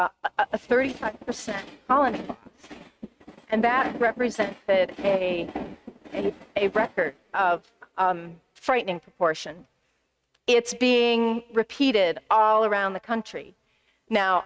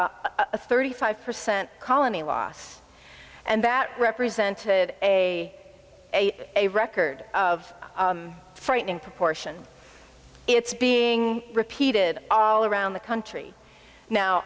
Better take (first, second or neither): second